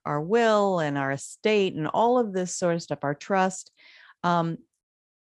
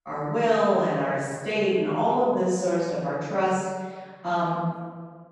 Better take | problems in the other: first | off-mic speech; far // room echo; strong; dies away in 1.4 s

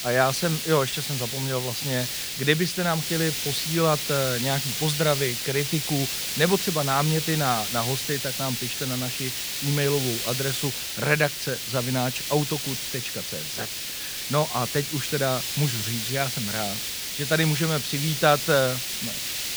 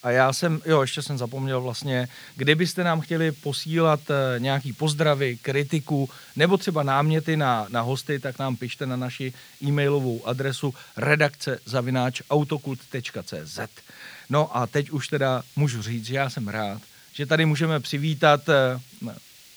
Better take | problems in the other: second | hiss; loud; throughout; 2 dB below the speech; faint in the second

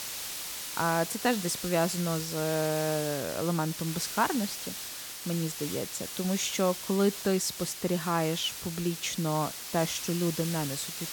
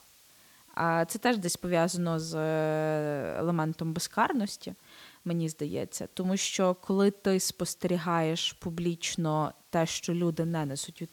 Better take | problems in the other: second | hiss; loud; throughout; 6 dB below the speech; faint in the second

